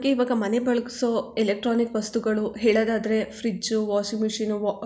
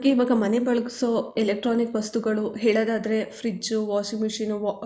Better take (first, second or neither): first